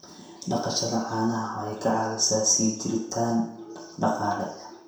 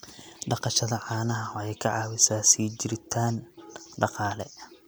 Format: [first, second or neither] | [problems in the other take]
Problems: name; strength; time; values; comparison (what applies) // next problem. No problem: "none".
second | room echo; dies away in 0.7 s